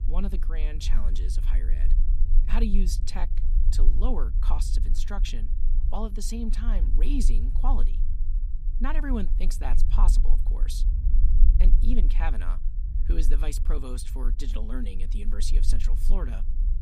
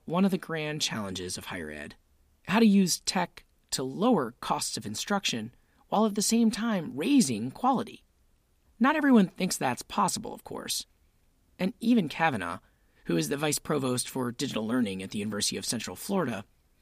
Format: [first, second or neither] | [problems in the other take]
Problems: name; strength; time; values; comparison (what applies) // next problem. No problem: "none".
second | low rumble; noticeable; throughout; 10 dB below the speech